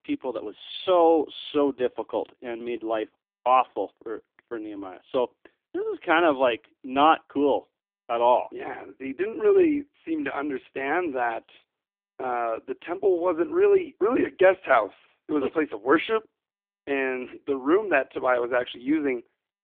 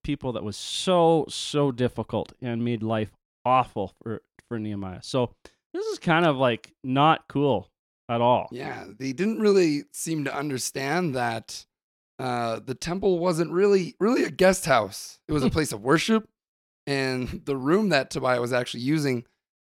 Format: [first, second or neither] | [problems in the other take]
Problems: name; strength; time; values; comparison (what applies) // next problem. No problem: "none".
second | phone-call audio; poor line